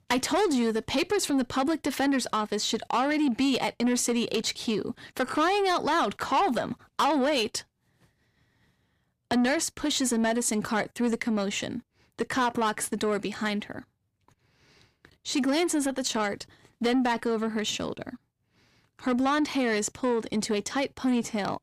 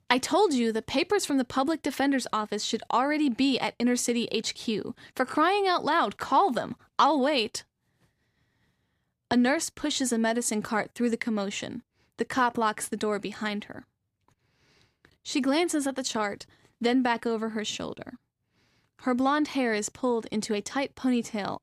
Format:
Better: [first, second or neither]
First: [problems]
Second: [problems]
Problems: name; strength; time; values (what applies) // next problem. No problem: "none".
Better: second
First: distortion; slight; 10 dB below the speech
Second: none